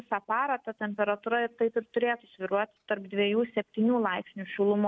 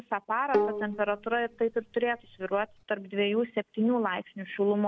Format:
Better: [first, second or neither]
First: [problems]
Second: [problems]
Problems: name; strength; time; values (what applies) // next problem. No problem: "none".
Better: first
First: none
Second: background sound (Bowed string instrument); 5 dB below the speech